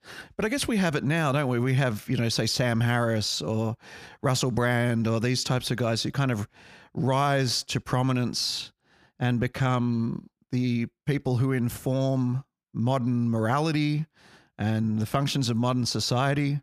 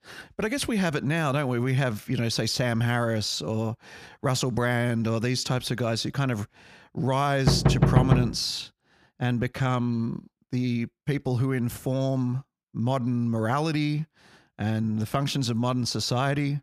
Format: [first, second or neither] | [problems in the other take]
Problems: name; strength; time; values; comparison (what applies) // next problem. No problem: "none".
first | door banging; loud; at 7.5 s; peak 6 dB above the speech